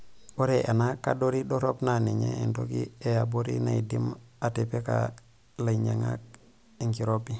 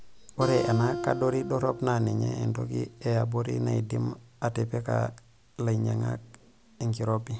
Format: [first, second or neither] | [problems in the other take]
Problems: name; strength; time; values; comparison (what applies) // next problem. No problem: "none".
first | background sound (Acoustic guitar); 8 dB below the speech